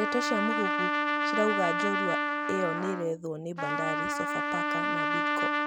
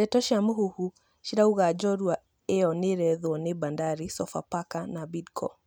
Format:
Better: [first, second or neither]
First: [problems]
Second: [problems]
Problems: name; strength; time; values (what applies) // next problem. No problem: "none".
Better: second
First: background sound (Trumpet); 4 dB above the speech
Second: none